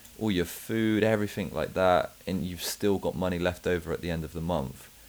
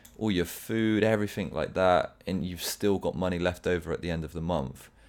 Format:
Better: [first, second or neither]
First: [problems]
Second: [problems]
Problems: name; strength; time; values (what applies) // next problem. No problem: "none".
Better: second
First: hiss; faint; throughout; 20 dB below the speech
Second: none